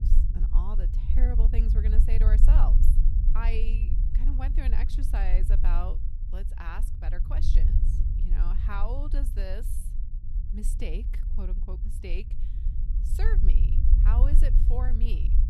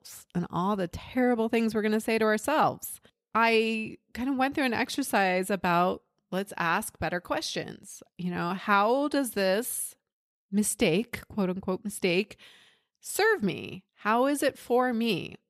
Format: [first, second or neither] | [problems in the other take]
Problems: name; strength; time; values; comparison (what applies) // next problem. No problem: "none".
second | low rumble; loud; throughout; 6 dB below the speech